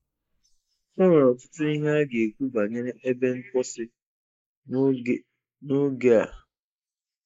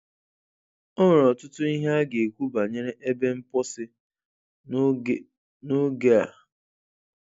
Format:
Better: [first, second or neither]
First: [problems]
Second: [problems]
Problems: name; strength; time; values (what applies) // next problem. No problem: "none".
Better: second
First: noise reduction (neural mask model Resemble Enhance denoiser)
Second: none